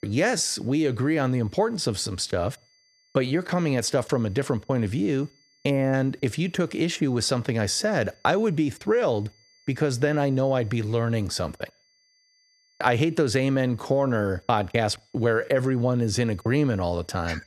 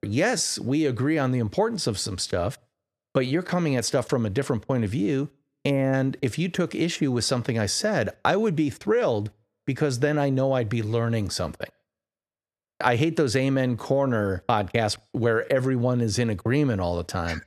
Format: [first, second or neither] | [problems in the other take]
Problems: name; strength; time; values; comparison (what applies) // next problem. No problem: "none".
second | high-pitched whine; faint; throughout; 4.5 kHz, 35 dB below the speech